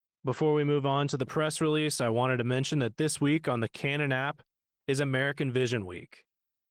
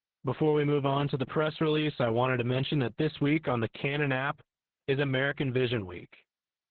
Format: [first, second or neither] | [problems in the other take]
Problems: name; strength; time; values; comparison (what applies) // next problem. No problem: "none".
first | garbled, watery; badly; nothing above 4 kHz; slightly in the first